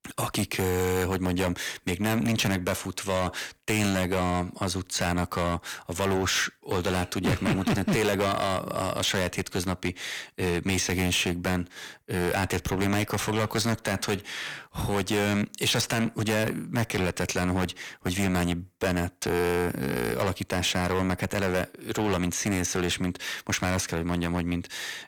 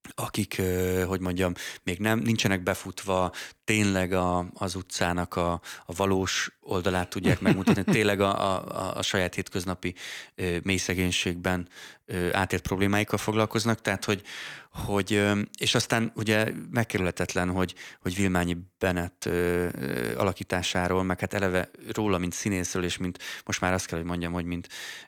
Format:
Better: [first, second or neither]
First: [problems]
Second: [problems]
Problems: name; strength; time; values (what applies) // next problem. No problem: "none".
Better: second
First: distortion; heavy; 12% of the sound clipped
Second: none